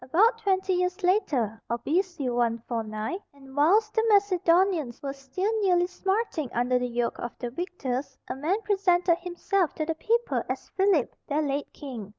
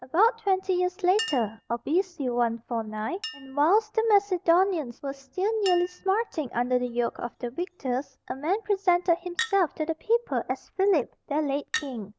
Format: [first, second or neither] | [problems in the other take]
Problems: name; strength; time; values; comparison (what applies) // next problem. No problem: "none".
first | background sound (Chink, clink); 16 dB below the speech